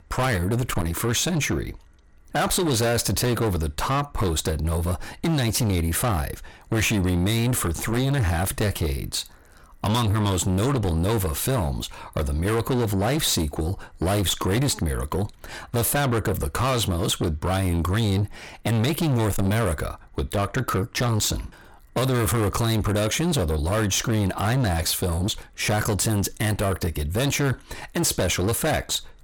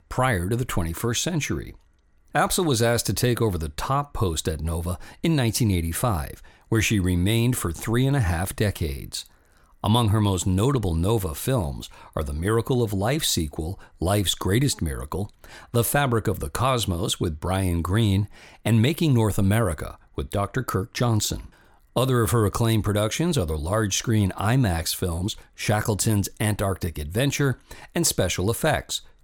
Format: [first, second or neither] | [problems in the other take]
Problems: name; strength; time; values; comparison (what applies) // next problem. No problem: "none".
second | distortion; heavy; 7 dB below the speech